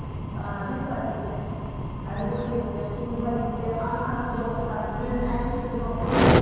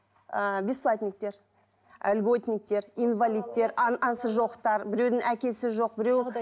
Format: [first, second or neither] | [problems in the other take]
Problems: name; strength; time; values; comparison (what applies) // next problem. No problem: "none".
second | background sound (Fire); 3 dB above the speech // room echo; dies away in 2.1 s